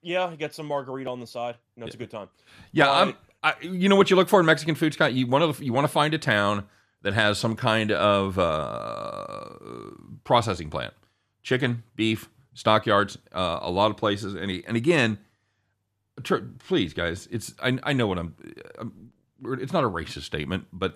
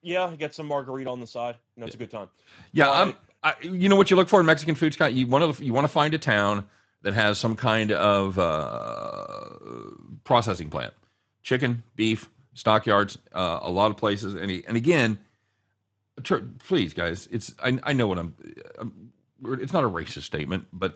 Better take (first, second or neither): first